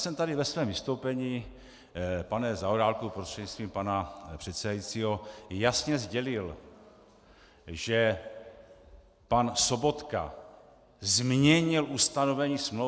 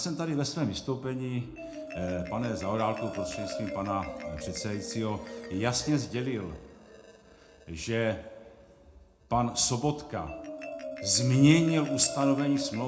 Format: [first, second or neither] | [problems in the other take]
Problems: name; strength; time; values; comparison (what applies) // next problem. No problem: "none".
first | background sound (Marimba, xylophone); 11 dB below the speech // room echo; dies away in 0.3 s